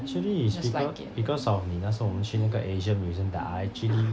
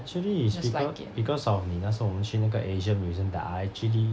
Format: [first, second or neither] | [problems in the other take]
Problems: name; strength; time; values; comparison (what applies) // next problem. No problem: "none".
second | background sound (Sneeze); 14 dB below the speech